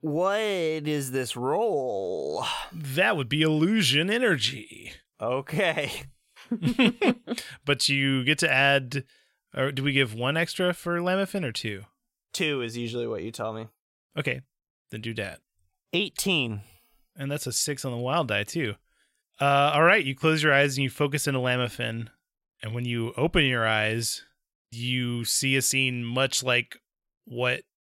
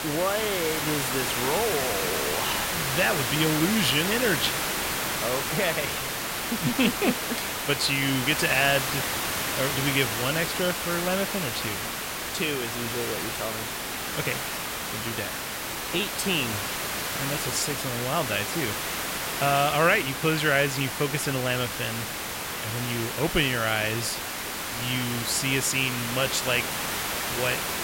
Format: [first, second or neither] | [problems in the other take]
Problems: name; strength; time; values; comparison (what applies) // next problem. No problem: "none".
first | hiss; loud; throughout; 1 dB below the speech